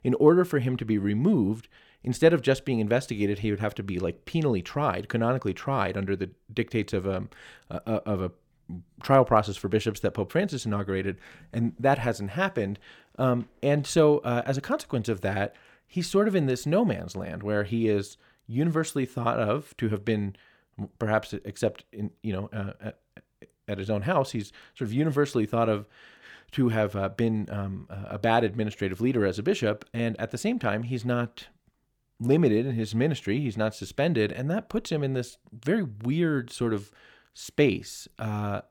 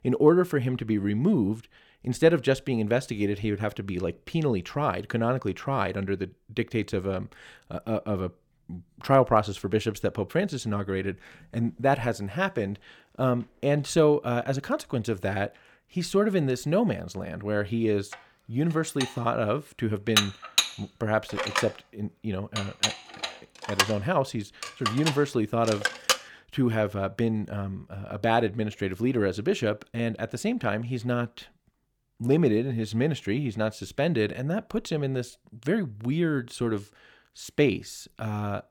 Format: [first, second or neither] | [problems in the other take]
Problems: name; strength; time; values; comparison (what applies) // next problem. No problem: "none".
first | clattering dishes; loud; from 19 to 26 s; peak 3 dB above the speech